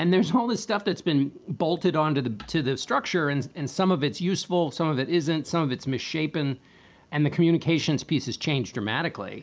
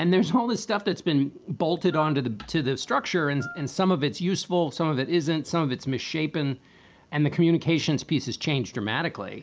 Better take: first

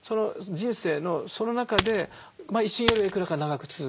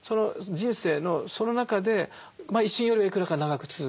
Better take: second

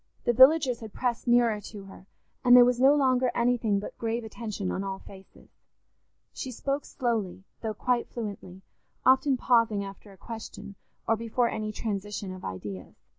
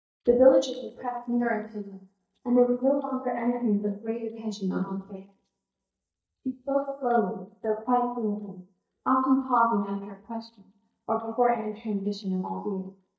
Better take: first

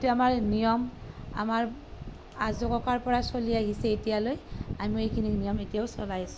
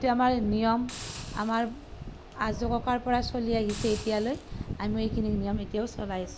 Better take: first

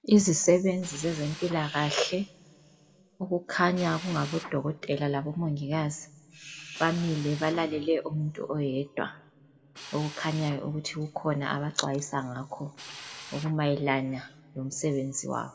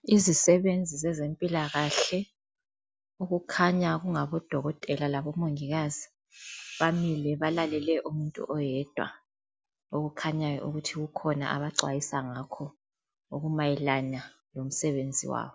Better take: second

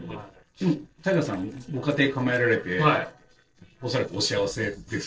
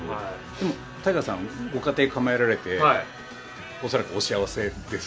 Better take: second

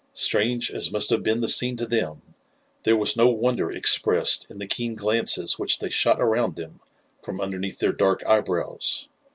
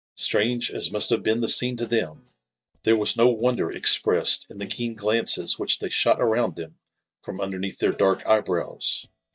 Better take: first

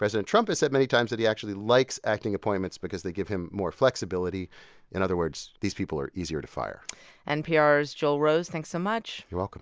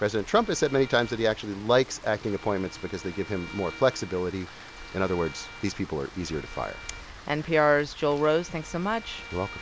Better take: first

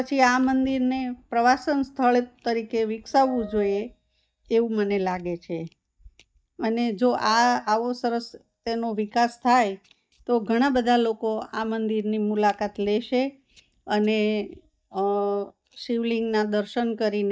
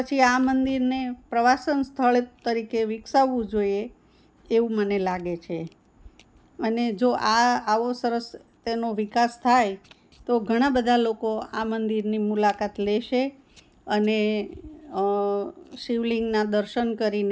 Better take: second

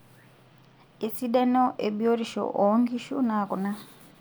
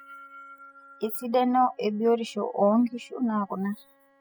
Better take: first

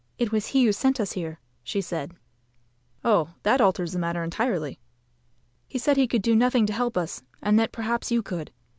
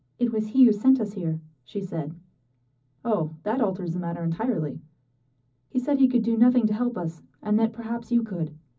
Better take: first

